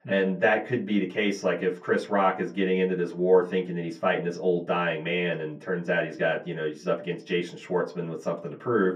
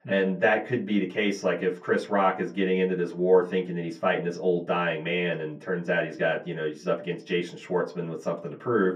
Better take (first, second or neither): neither